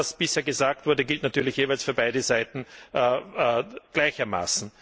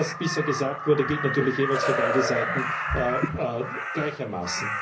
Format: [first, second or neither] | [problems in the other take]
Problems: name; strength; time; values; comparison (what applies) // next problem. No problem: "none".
first | background sound (Crow); 2 dB below the speech // room echo; dies away in 0.5 s